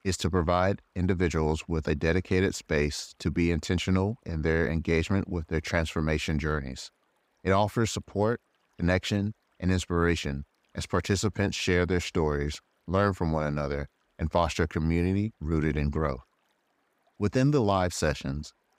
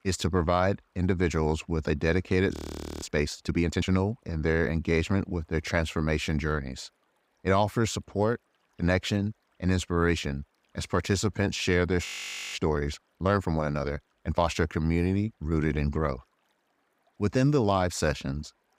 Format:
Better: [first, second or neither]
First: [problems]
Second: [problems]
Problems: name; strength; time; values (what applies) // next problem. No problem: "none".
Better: first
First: none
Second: audio freezing; at 2.5 s and at 12 s